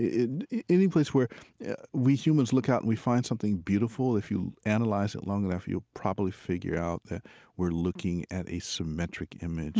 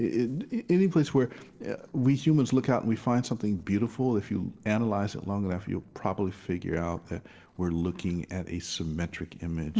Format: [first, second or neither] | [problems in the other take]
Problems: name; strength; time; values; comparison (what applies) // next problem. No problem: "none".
first | noise reduction (neural separator model SepFormer DNS4)